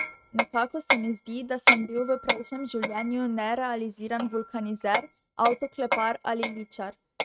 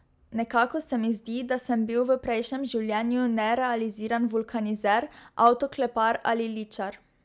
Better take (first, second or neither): second